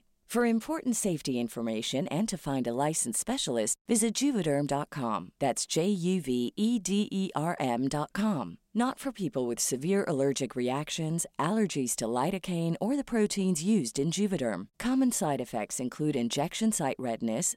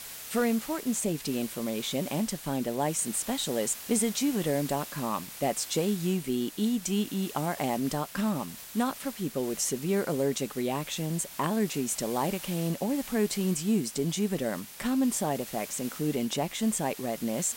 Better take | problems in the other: first | hiss; noticeable; throughout; 10 dB below the speech

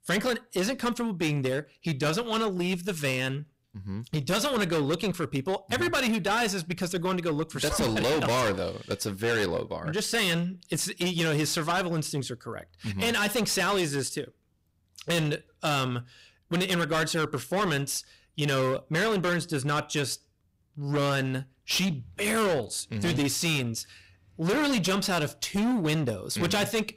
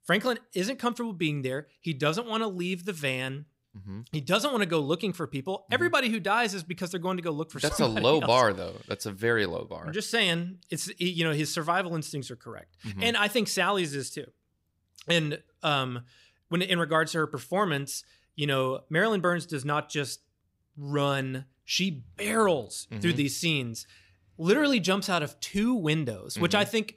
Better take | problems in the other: second | distortion; heavy; 18% of the sound clipped

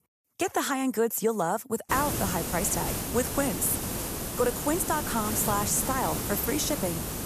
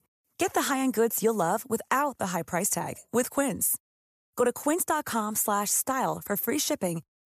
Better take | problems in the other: second | hiss; loud; from 2 s on; 3 dB below the speech

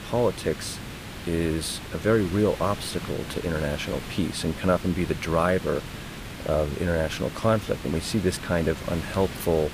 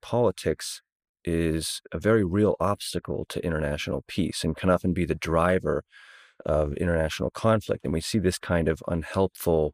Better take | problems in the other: second | hiss; noticeable; throughout; 10 dB below the speech

